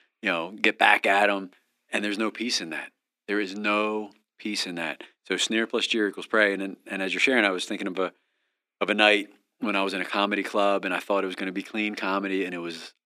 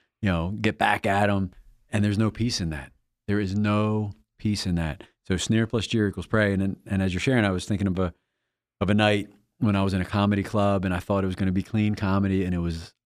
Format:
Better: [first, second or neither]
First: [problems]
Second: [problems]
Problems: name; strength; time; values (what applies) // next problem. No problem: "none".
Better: second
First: thin; somewhat; fading below 250 Hz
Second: none